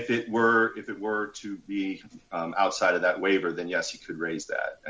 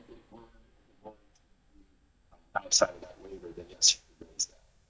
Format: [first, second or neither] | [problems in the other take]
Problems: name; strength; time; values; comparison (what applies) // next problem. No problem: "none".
first | noise reduction (neural mask model DeepFilterNet 3)